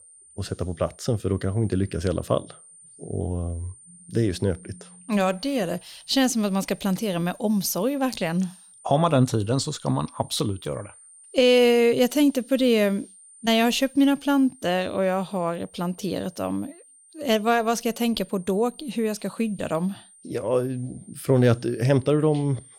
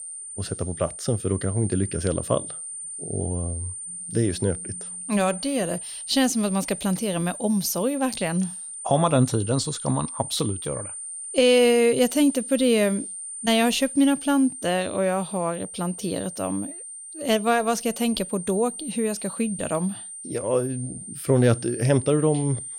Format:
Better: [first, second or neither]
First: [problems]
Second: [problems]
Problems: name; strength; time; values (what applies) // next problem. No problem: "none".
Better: first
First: high-pitched whine; faint; throughout; 9 kHz, 25 dB below the speech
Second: high-pitched whine; loud; throughout; 9 kHz, 9 dB below the speech